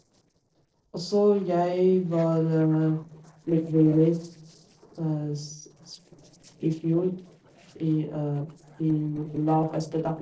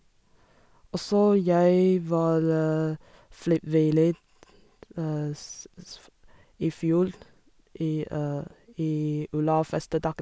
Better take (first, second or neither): second